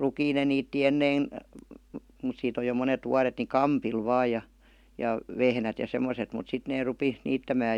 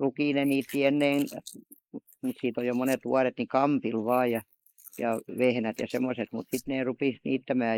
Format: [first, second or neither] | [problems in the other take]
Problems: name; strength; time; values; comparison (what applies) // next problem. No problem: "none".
first | noise reduction (neural mask model Resemble Enhance denoiser)